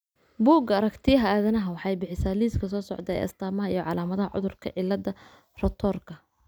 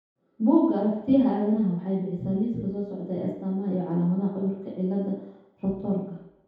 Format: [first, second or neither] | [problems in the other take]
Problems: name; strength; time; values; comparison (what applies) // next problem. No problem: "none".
first | room echo; dies away in 0.8 s